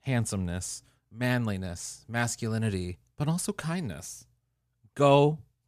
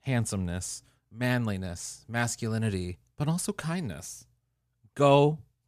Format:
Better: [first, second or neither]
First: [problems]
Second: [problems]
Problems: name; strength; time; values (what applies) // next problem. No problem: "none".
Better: neither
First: none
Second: none